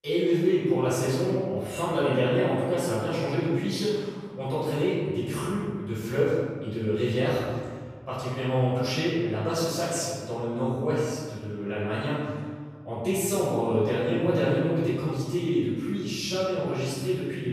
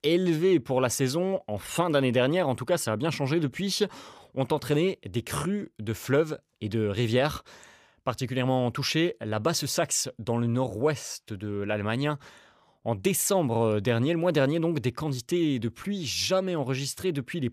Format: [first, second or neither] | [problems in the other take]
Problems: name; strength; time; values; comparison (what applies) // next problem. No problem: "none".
second | off-mic speech; far // room echo; strong; dies away in 1.6 s